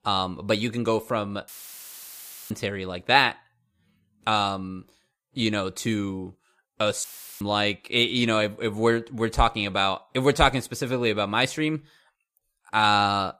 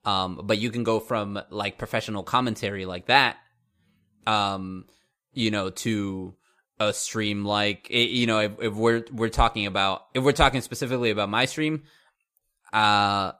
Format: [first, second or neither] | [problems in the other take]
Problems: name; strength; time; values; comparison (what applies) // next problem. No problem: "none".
second | audio cutting out; filled with static; at 1.5 s for 1 s and at 7 s